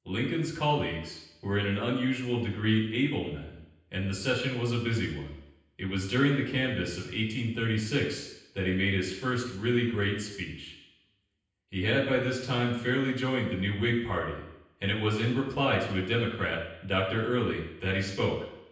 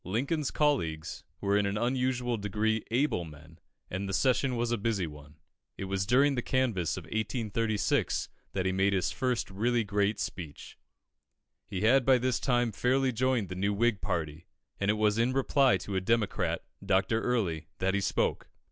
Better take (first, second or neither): second